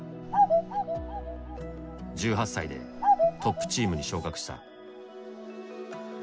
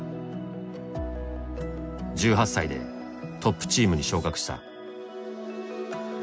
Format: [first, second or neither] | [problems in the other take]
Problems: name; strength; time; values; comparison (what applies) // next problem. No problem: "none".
second | background sound (Bird vocalization, bird call, bird song); 4 dB above the speech